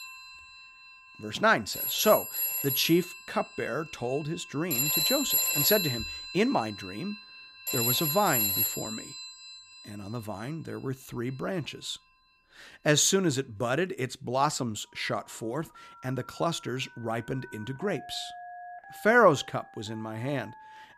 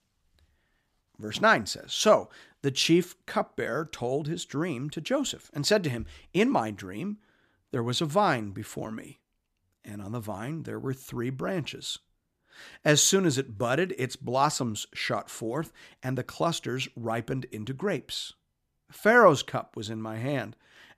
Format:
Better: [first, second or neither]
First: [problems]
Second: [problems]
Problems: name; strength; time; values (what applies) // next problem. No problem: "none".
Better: second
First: alarms or sirens; very loud; throughout; 1 dB above the speech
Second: none